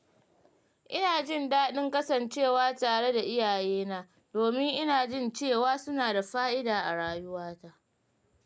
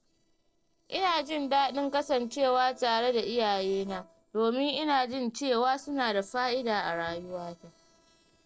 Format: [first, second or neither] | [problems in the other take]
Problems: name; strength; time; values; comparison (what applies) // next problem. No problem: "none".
first | noise reduction (neural separator model SepFormer DNS4)